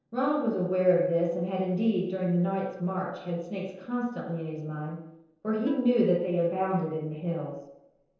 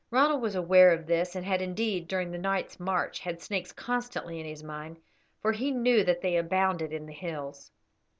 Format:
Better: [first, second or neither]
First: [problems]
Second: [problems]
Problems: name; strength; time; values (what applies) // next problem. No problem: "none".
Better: second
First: noise reduction (neural separator model SepFormer DNS4)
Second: none